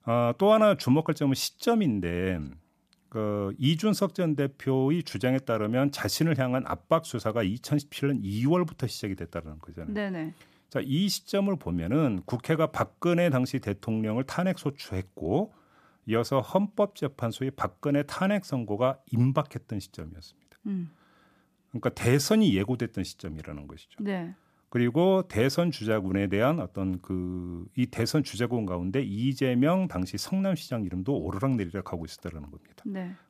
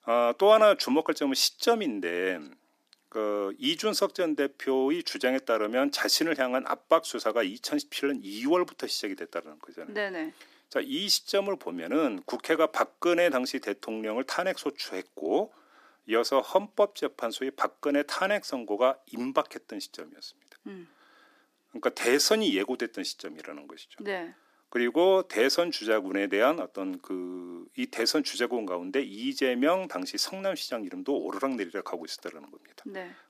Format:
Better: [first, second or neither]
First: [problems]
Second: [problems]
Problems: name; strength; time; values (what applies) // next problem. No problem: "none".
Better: first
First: none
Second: thin; somewhat; fading below 300 Hz